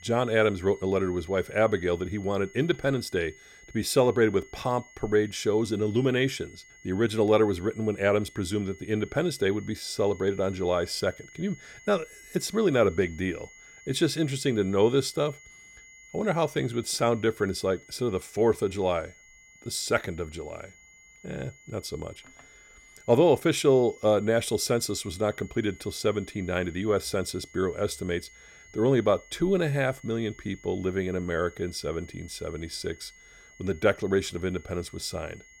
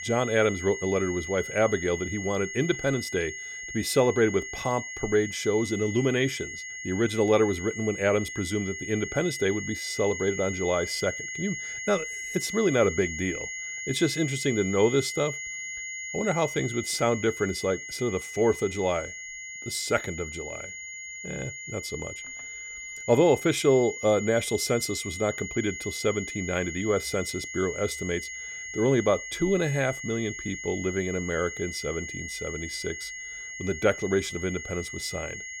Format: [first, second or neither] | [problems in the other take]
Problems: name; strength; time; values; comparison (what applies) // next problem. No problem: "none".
first | high-pitched whine; loud; throughout; 2 kHz, 8 dB below the speech; faint in the first